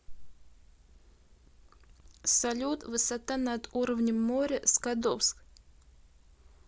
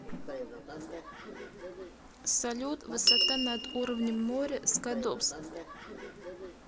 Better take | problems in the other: first | background sound (Door / Bell); 1 dB below the speech

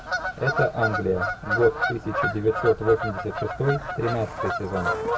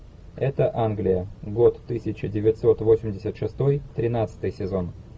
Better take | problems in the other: second | background sound (Bird vocalization, bird call, bird song / Fowl); 3 dB below the speech

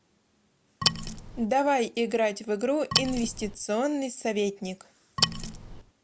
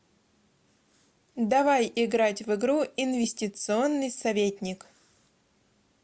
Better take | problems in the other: second | background sound (Wood); 1 dB below the speech

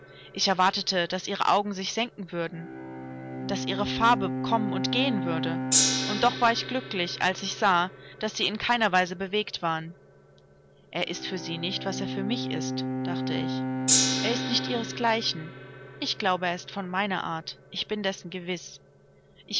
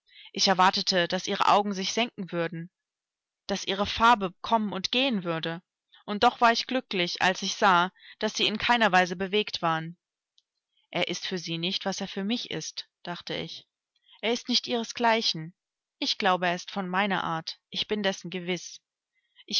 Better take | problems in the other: second | background sound (Gong + Bowed string instrument); 4 dB below the speech

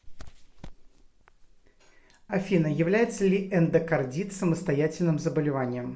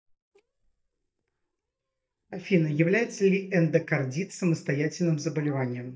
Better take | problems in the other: first | noise reduction (neural mask model DeepFilterNet 3)

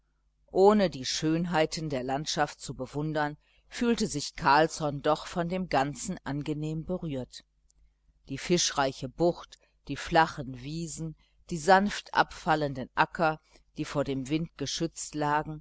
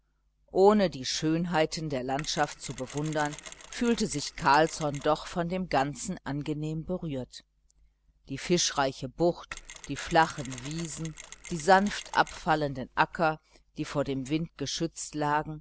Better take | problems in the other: first | background sound (Mechanisms); 17 dB below the speech

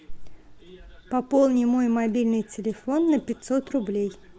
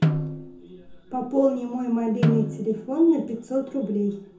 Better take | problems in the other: first | background sound (Snare drum); 5 dB below the speech // room echo; dies away in 0.6 s

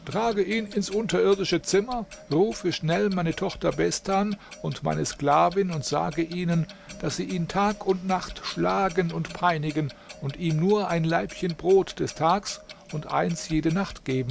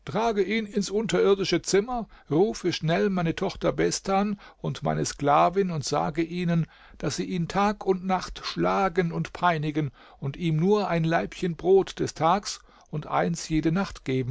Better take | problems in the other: second | background sound (Clock); 20 dB below the speech

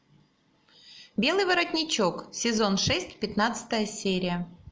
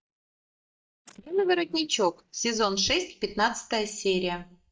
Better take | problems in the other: first | noise reduction (neural mask model DeepFilterNet 3)

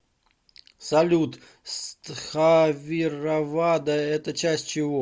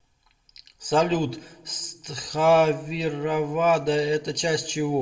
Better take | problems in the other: first | room echo; dies away in 0.5 s

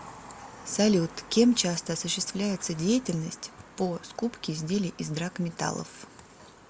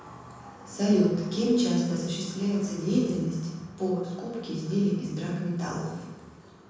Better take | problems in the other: first | room echo; dies away in 1.3 s

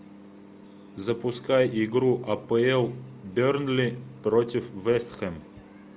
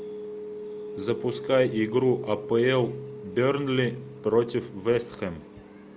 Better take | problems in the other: first | background sound (Telephone); 13 dB below the speech

